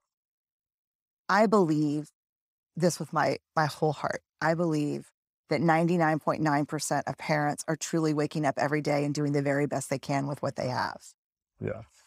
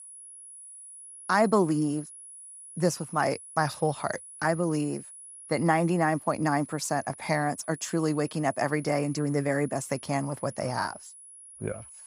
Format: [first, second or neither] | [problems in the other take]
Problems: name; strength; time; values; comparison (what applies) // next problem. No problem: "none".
first | high-pitched whine; noticeable; throughout; 10.5 kHz, 15 dB below the speech